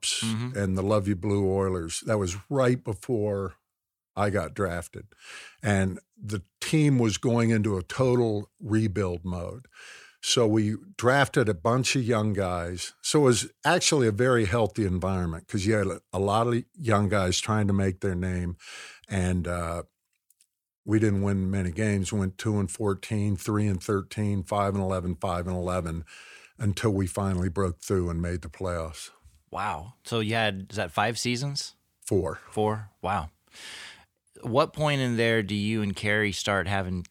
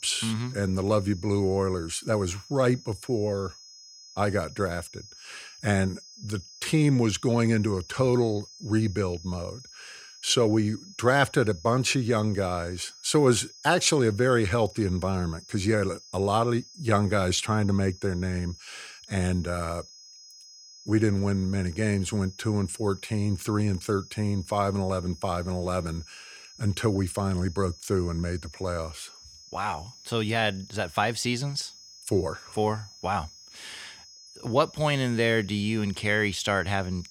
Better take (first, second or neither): first